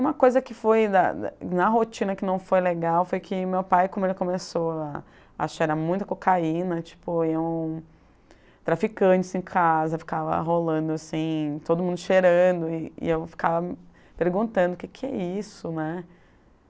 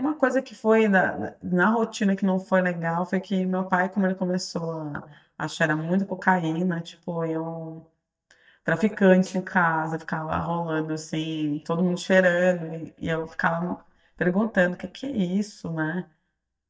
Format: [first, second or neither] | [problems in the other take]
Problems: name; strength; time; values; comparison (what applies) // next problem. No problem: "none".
first | noise reduction (neural mask model DeepFilterNet 3)